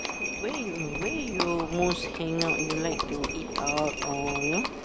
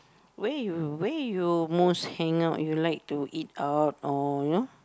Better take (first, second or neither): second